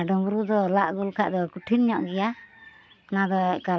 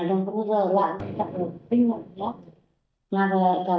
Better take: first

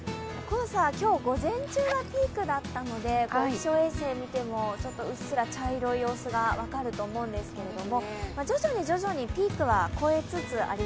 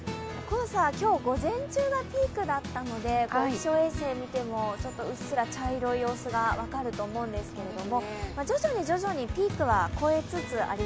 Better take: second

